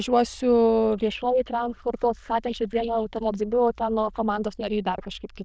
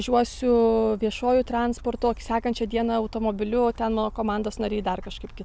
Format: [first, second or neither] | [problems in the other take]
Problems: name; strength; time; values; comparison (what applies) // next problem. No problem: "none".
second | noise reduction (neural diffusion model UNIVERSE++)